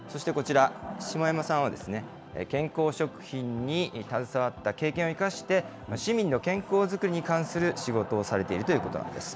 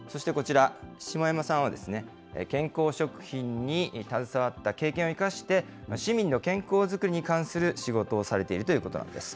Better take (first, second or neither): second